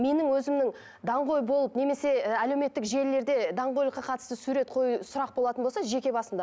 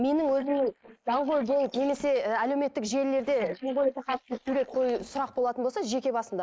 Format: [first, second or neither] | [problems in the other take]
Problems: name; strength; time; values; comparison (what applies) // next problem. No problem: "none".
first | noise reduction (neural mask model Resemble Enhance denoiser)